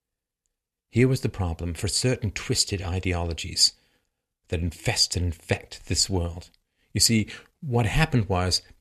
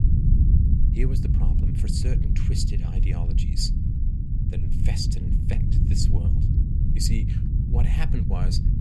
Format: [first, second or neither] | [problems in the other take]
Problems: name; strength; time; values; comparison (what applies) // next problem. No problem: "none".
first | low rumble; loud; throughout; 1 dB below the speech